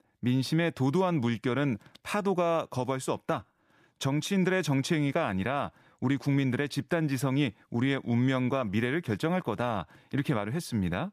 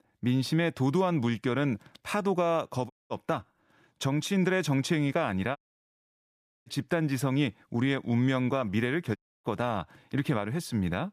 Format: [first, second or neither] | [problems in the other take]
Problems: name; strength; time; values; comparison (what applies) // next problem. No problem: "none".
first | audio cutting out; at 3 s, at 5.5 s for 1 s and at 9 s